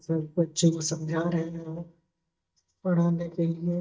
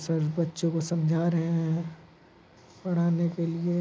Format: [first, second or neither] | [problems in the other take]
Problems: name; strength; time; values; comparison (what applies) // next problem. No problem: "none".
second | noise reduction (neural mask model DeepFilterNet 3)